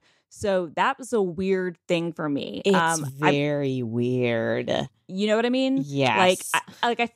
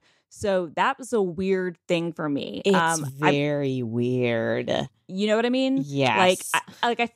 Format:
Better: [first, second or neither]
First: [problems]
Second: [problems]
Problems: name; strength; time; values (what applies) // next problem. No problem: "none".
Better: neither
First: none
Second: none